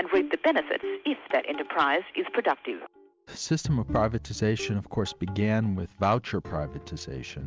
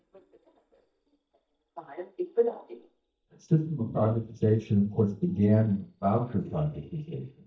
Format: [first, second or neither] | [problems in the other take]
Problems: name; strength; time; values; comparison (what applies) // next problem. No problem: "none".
first | noise reduction (neural mask model DeepFilterNet 3)